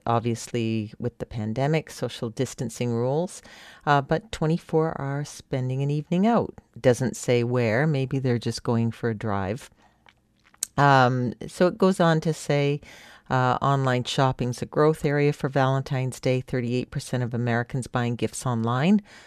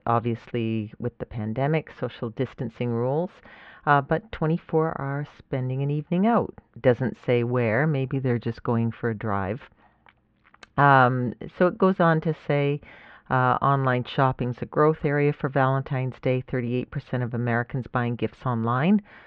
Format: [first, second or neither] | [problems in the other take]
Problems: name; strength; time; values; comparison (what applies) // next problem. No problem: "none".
first | muffled; very; fading above 3 kHz